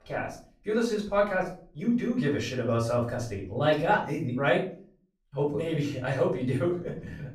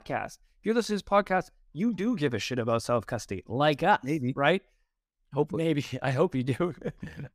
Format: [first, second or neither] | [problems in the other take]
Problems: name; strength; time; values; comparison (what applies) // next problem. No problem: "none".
second | off-mic speech; far // room echo; slight; dies away in 0.4 s